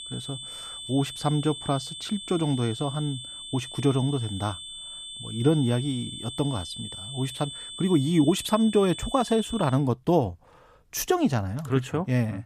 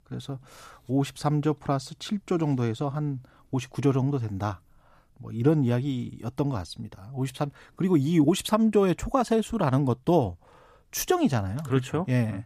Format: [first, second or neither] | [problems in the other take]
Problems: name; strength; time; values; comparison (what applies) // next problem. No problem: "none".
second | high-pitched whine; noticeable; until 9.5 s; 3.5 kHz, 10 dB below the speech